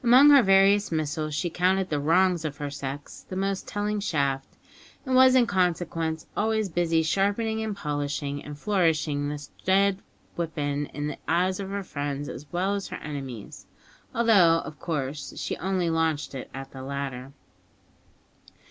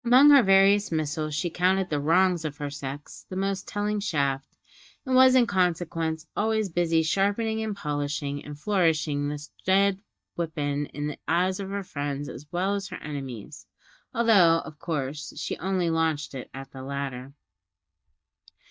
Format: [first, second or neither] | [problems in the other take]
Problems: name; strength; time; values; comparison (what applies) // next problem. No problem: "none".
first | noise reduction (neural mask model DeepFilterNet 3)